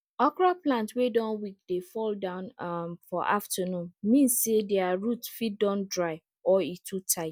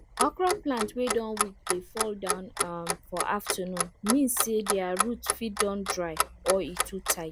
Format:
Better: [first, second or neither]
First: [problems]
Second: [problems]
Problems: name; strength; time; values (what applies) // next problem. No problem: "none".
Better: first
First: none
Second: background sound (Clock); 2 dB below the speech